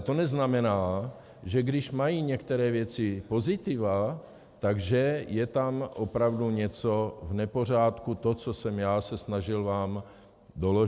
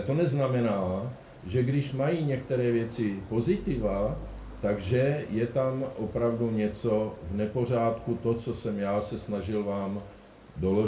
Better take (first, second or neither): first